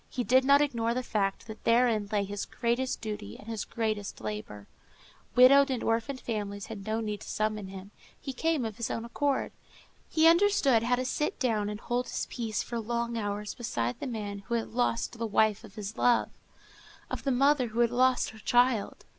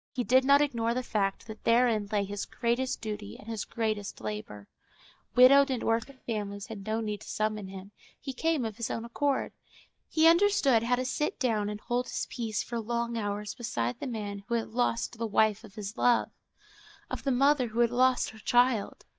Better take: first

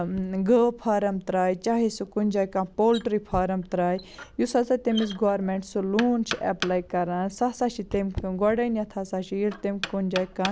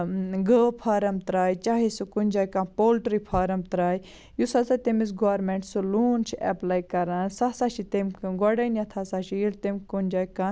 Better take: second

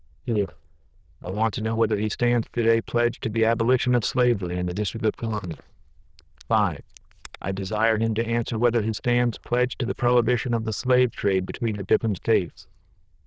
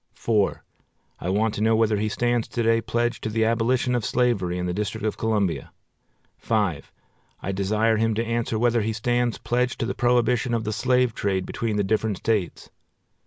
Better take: second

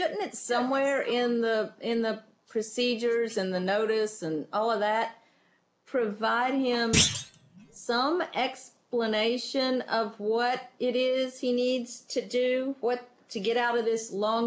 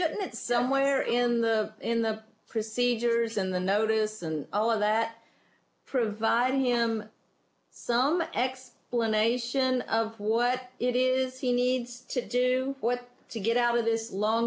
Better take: second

